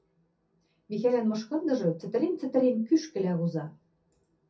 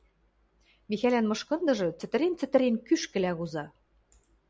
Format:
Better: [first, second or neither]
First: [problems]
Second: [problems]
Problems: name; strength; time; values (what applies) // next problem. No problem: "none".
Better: second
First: room echo; dies away in 0.3 s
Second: none